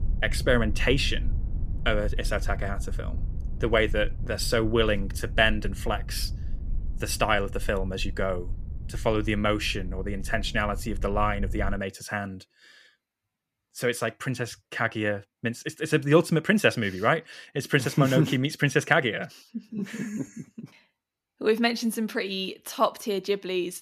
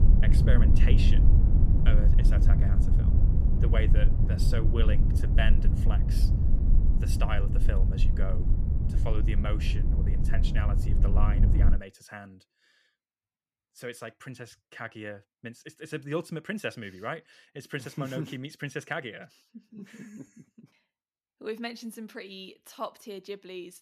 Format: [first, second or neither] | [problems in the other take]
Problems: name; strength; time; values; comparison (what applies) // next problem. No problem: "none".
first | low rumble; loud; until 12 s; 3 dB below the speech; faint in the first